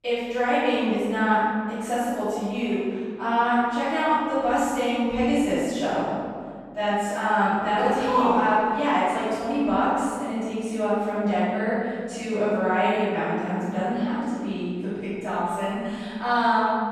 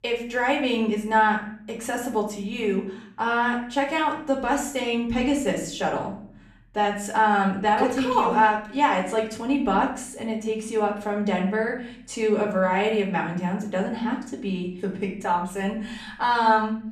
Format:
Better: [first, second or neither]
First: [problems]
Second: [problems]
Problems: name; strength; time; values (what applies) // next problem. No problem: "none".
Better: second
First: room echo; strong; dies away in 1.8 s // off-mic speech; far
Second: room echo; slight; dies away in 0.5 s // off-mic speech; far